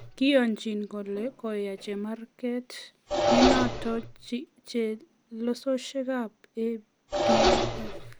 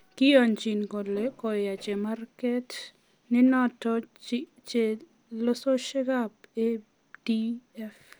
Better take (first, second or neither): second